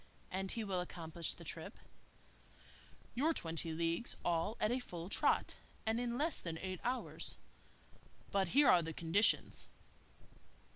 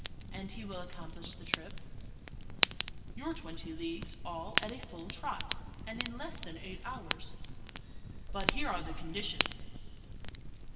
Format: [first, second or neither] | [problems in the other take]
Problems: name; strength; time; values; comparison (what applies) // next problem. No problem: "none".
first | background sound (Fire); 3 dB above the speech // room echo; dies away in 2 s